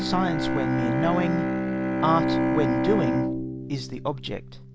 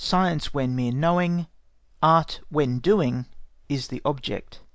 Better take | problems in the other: second | background sound (Bowed string instrument); 2 dB above the speech

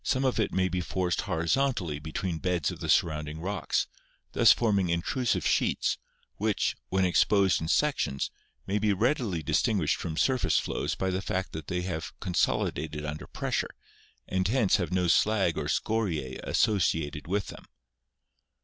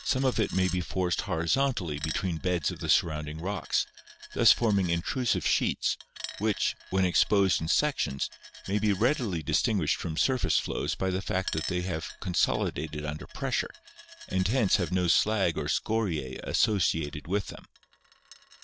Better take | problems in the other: first | background sound (Coin (dropping)); 18 dB below the speech

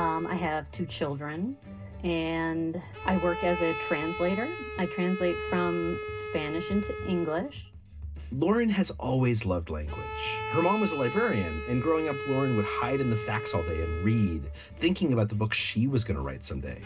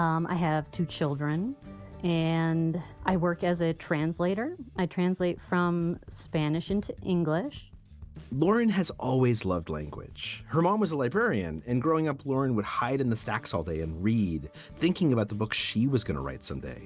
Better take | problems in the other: second | background sound (Bowed string instrument); 9 dB below the speech // room echo; dies away in 0.2 s

